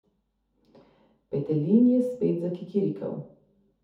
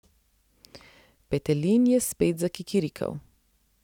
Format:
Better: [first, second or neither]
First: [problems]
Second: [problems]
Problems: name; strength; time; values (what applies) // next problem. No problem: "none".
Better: second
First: room echo; dies away in 0.5 s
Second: none